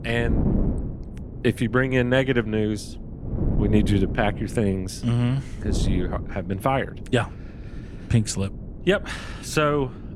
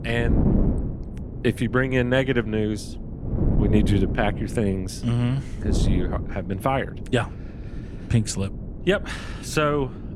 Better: first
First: wind noise on the microphone; occasional gusts; 15 dB below the speech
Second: wind noise on the microphone; heavy; 10 dB below the speech

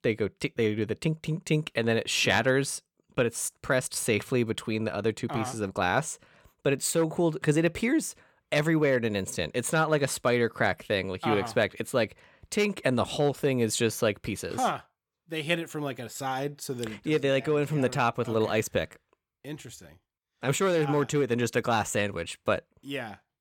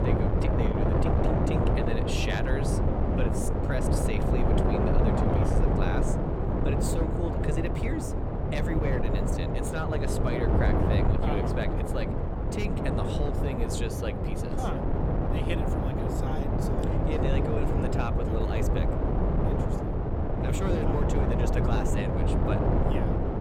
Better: first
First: none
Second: wind noise on the microphone; heavy; 4 dB above the speech

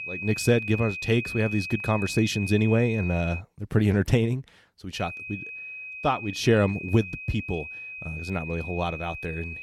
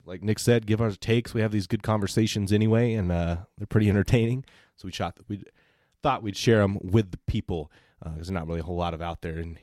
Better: second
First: high-pitched whine; loud; until 3.5 s and from 5 s on; 2.5 kHz, 8 dB below the speech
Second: none

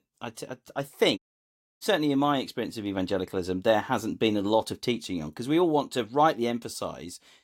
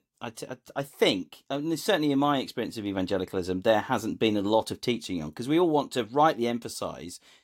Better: second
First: audio cutting out; at 1 s for 0.5 s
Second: none

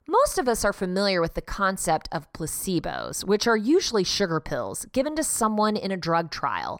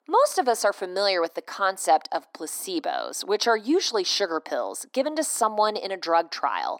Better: first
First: none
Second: thin; somewhat; fading below 250 Hz

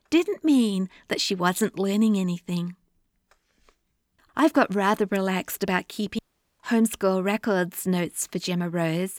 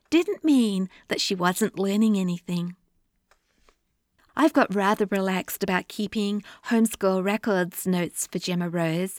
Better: second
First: audio cutting out; at 6 s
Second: none

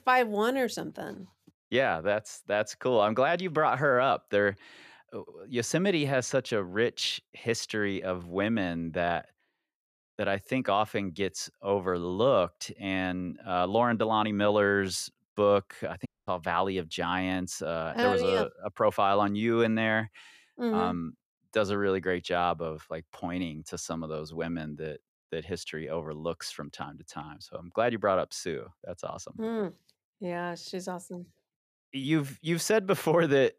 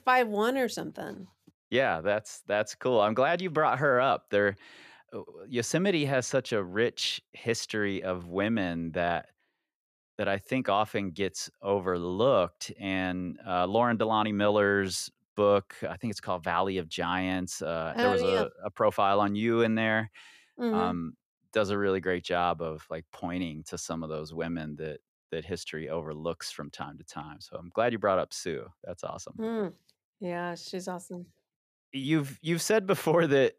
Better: second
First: audio cutting out; at 16 s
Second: none

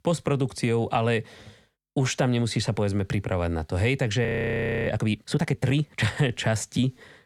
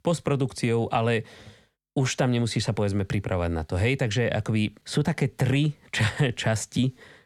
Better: second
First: audio freezing; at 4.5 s for 0.5 s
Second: none

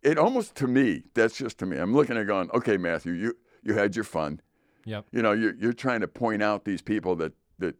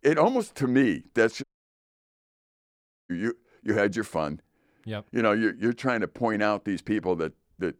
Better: first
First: none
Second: audio cutting out; at 1.5 s for 1.5 s

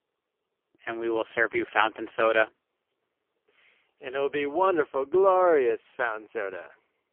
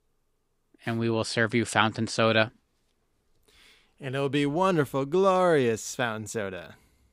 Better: second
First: phone-call audio; poor line; nothing above 3.5 kHz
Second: none

